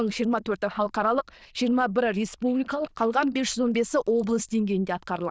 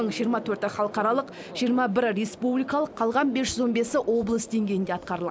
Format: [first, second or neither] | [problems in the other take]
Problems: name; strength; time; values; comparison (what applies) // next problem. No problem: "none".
second | noise reduction (neural diffusion model UNIVERSE++)